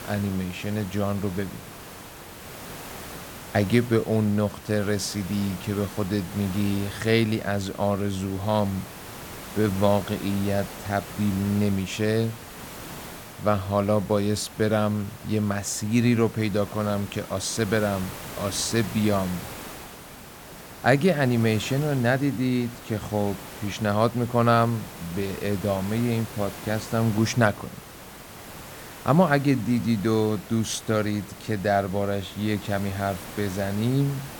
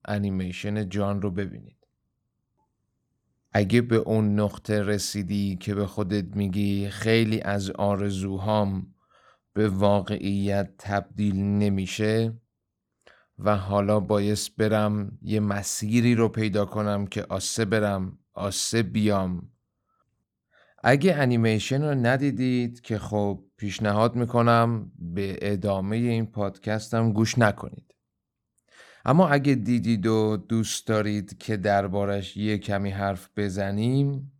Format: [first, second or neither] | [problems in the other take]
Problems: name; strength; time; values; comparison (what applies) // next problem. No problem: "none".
second | hiss; noticeable; throughout; 15 dB below the speech